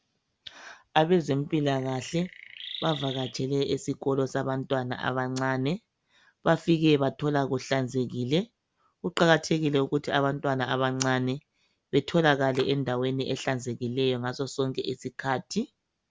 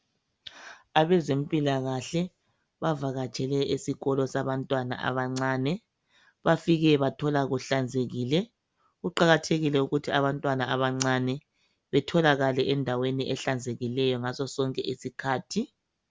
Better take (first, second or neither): second